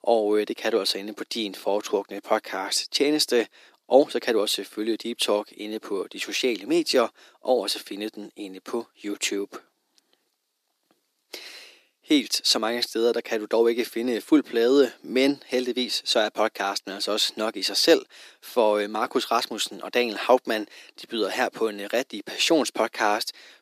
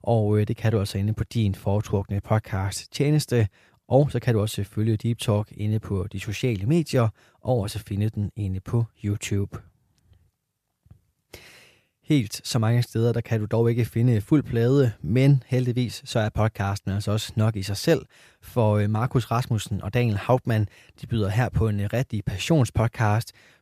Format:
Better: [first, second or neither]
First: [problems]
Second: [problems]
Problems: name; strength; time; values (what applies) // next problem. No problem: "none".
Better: second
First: thin; somewhat; fading below 250 Hz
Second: none